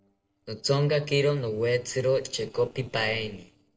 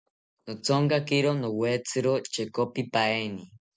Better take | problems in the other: second | noise reduction (neural separator model SepFormer DNS4)

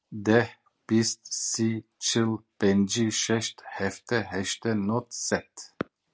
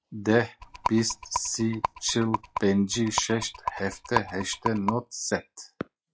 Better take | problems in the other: first | noise reduction (classical method log-MMSE)

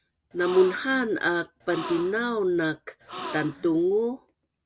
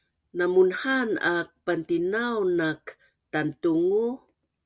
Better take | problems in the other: second | background sound (Gasp); 13 dB below the speech

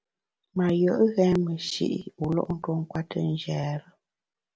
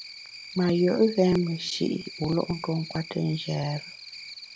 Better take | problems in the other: first | background sound (Cricket); 15 dB below the speech

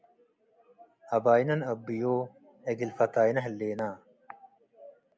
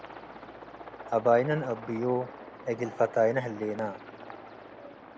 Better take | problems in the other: first | background sound (Aircraft); 15 dB below the speech

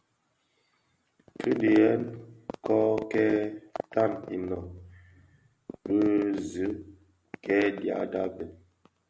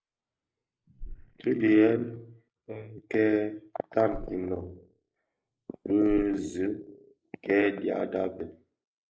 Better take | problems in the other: first | noise reduction (neural mask model Resemble Enhance denoiser)

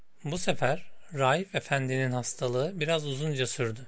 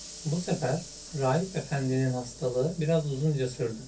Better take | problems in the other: first | background sound (Sliding door / Hiss); 16 dB below the speech // room echo; dies away in 0.3 s

